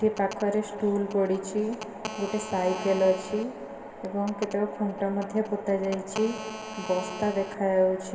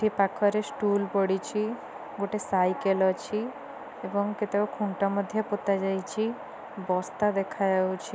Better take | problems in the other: second | background sound (Telephone); 14 dB below the speech // room echo; dies away in 2 s

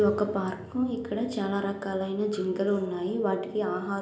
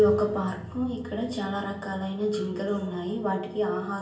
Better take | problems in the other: first | room echo; dies away in 0.2 s

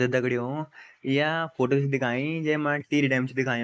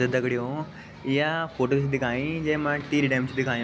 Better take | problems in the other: second | noise reduction (neural mask model Resemble Enhance denoiser)

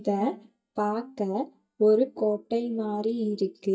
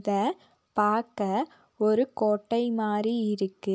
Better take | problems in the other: second | noise reduction (neural mask model DeepFilterNet 3)

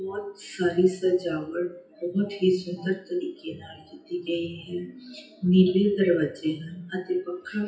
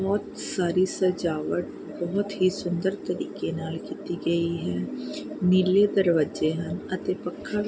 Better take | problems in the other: second | noise reduction (classical method WPE with log-MMSE)

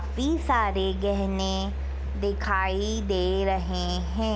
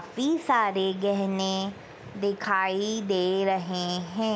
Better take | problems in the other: second | background sound (Musical instrument); 3 dB below the speech

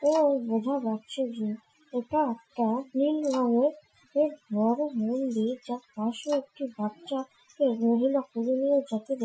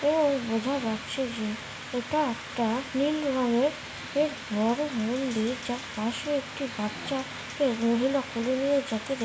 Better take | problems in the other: second | noise reduction (classical method Wiener filter)

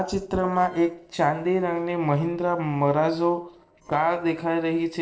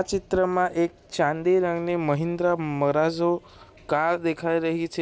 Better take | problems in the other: second | noise reduction (neural separator model SepFormer DNS4)

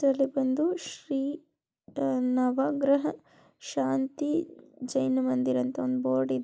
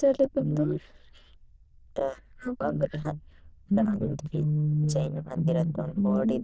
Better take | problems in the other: first | noise reduction (neural diffusion model UNIVERSE++)

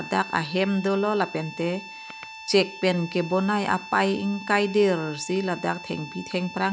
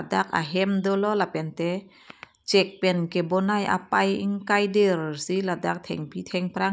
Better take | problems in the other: second | background sound (Harmonica); 15 dB below the speech

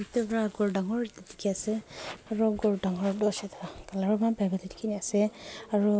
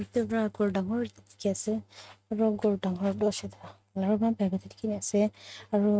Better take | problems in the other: first | noise reduction (neural mask model RNNoise)

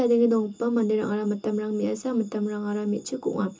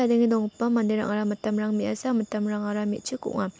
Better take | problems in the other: second | room echo; dies away in 0.2 s

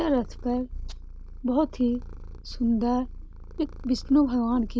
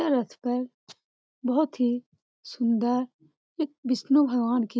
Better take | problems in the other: second | background sound (Purr); 11 dB below the speech

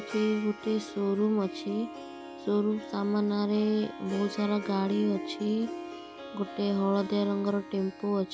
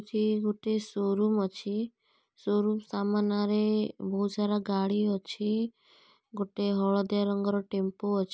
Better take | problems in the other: second | background sound (Harp); 12 dB below the speech

